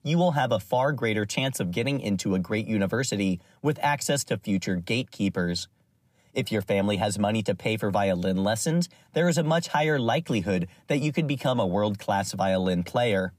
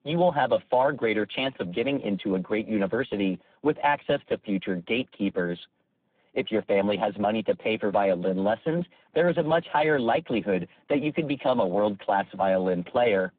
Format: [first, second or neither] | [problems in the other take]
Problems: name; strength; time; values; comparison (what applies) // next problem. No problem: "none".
first | phone-call audio; poor line